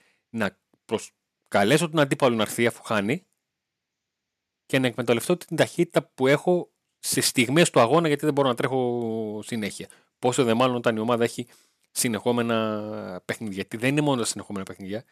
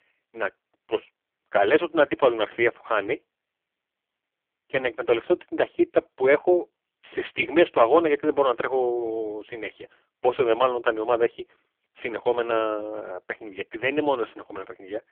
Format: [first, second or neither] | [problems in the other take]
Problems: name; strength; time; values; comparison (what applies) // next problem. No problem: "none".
first | phone-call audio; poor line; nothing above 3.5 kHz